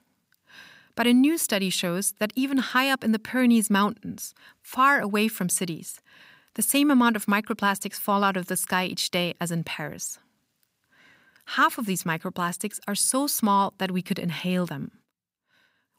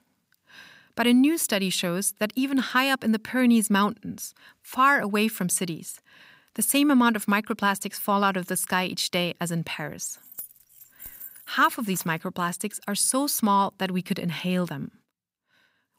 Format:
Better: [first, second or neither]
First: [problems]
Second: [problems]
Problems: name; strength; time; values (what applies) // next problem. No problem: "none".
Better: first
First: none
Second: jangling keys; faint; from 10 to 12 s; peak 15 dB below the speech